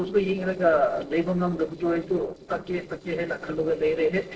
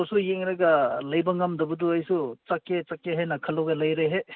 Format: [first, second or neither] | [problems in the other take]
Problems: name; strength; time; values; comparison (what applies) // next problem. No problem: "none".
second | noise reduction (neural separator model SepFormer DNS4)